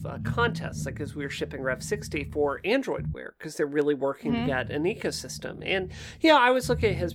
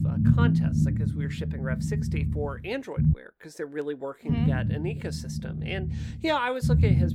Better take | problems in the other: first | low rumble; loud; until 3 s and from 4.5 s on; 4 dB below the speech; faint in the first

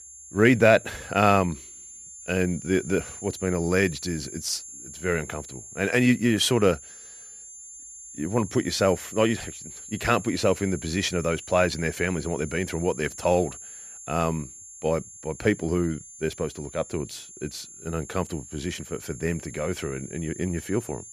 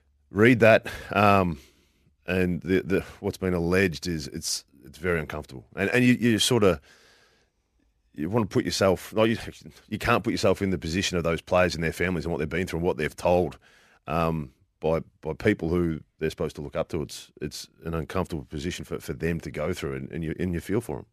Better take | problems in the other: second | high-pitched whine; noticeable; throughout; 7.5 kHz, 15 dB below the speech

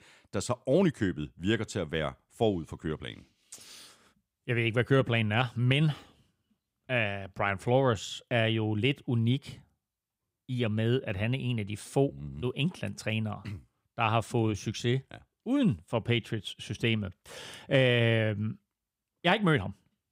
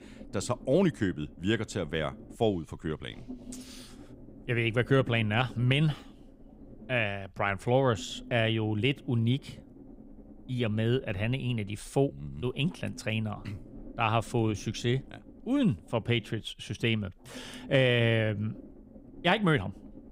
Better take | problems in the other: first | low rumble; faint; throughout; 25 dB below the speech

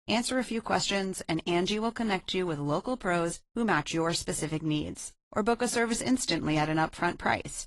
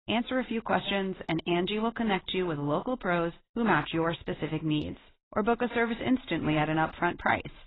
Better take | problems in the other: first | garbled, watery; badly; nothing above 4 kHz; slightly in the first

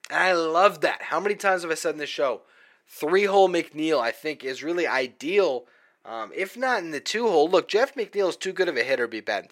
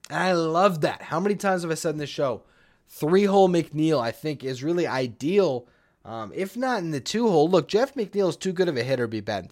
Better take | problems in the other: second | thin; somewhat; fading below 400 Hz

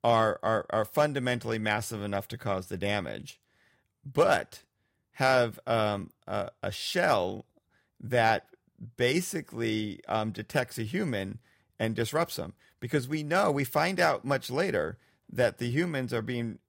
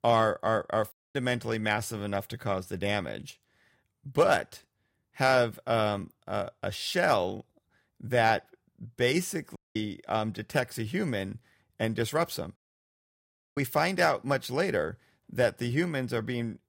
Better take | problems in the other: first | audio cutting out; at 1 s, at 9.5 s and at 13 s for 1 s

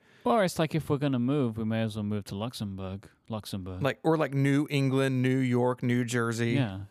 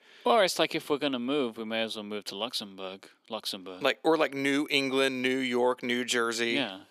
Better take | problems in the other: first | thin; somewhat; fading below 300 Hz

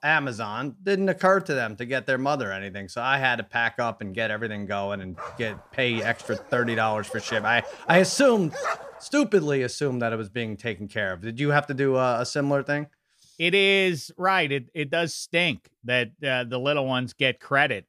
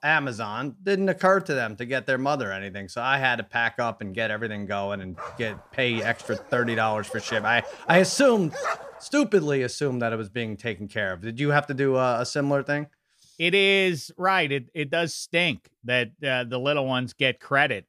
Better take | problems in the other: neither | dog barking; noticeable; from 5 to 9 s; peak 5 dB below the speech; the same in both

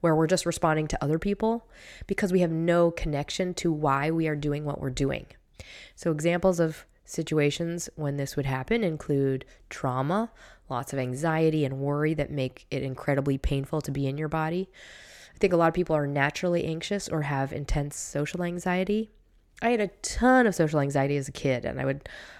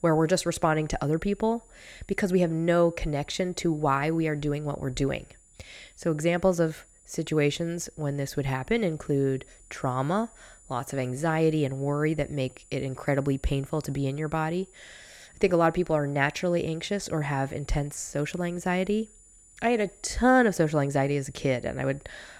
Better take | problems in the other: first | high-pitched whine; faint; throughout; 7 kHz, 25 dB below the speech

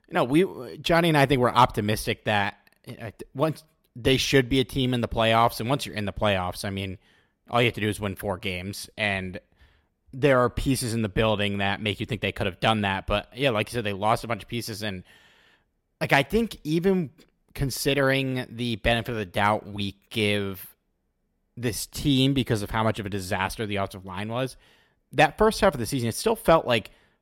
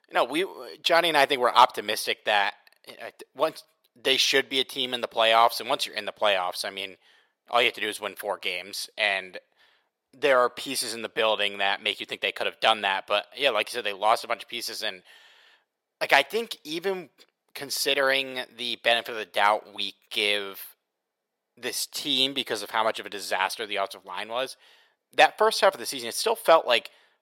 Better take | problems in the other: first | thin; very; fading below 600 Hz

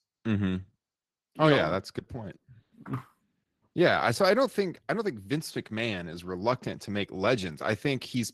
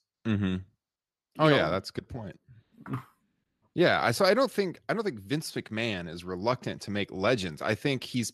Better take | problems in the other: second | garbled, watery; slightly; nothing above 14.5 kHz

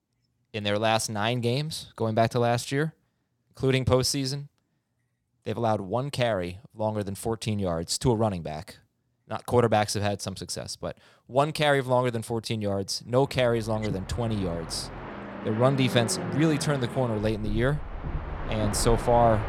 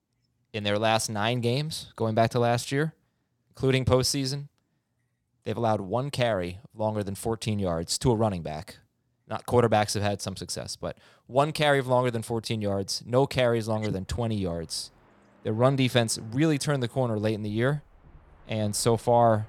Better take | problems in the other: second | train or aircraft noise; loud; from 13 s on; 9 dB below the speech; faint in the second

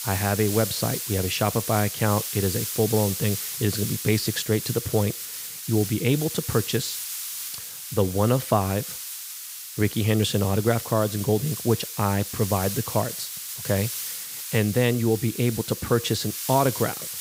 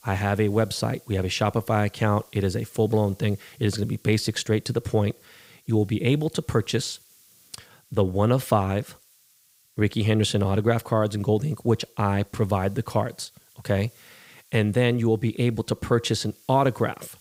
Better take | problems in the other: second | hiss; loud; throughout; 6 dB below the speech; faint in the second

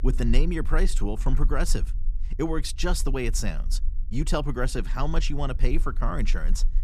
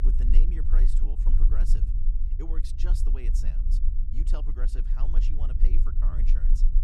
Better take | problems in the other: first | low rumble; loud; throughout; 3 dB below the speech; faint in the first

